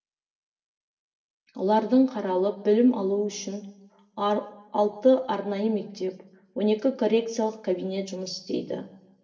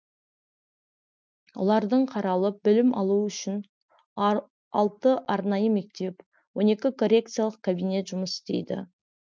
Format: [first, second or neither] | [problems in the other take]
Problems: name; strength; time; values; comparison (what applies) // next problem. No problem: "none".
second | room echo; dies away in 0.8 s